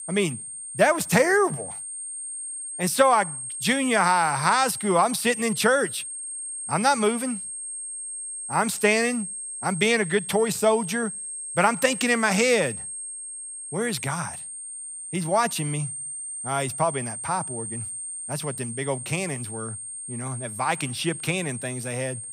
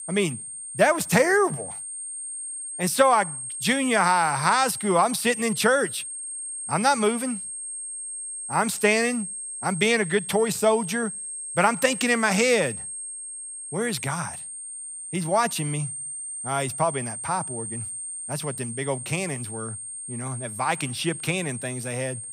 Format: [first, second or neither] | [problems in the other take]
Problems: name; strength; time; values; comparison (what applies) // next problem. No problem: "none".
neither | high-pitched whine; loud; throughout; 8.5 kHz, 8 dB below the speech; the same in both